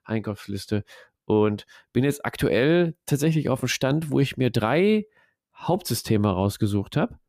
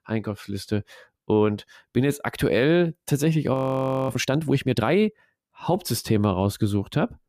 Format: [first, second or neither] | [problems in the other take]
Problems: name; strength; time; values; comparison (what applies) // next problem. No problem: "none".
first | audio freezing; at 3.5 s for 0.5 s